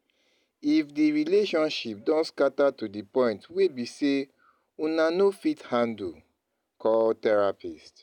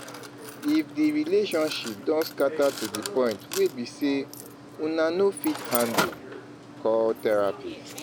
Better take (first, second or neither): first